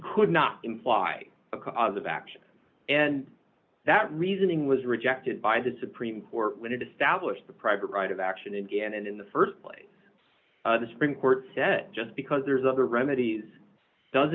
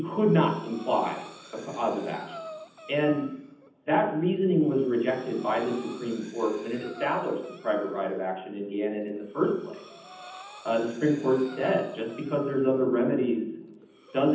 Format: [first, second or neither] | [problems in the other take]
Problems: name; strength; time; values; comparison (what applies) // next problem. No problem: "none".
first | background sound (Breathing); 19 dB below the speech // room echo; dies away in 0.8 s